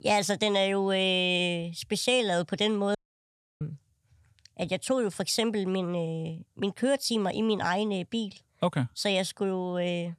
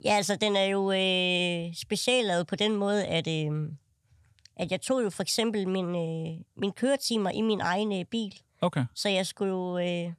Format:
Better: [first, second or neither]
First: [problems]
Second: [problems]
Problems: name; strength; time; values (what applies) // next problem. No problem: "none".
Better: second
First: audio cutting out; at 3 s for 0.5 s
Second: none